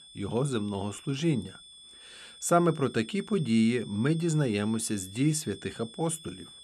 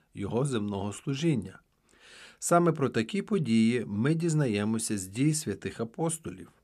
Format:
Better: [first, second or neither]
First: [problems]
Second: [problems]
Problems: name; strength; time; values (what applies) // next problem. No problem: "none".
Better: second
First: high-pitched whine; noticeable; throughout; 3.5 kHz, 20 dB below the speech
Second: none